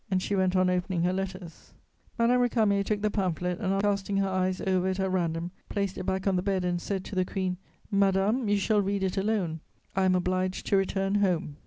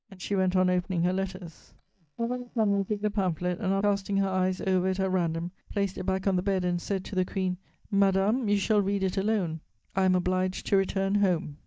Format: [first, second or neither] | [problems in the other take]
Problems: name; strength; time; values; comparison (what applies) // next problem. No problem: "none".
first | noise reduction (neural mask model DeepFilterNet 3)